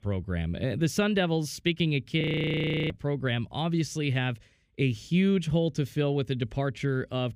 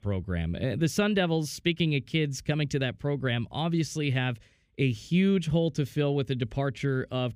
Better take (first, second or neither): second